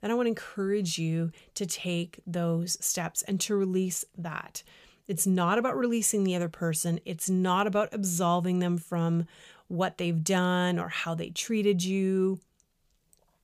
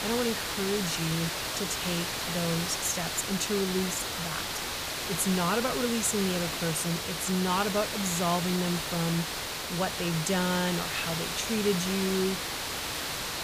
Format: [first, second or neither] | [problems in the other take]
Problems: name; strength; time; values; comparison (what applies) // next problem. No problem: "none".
first | hiss; loud; throughout; 1 dB below the speech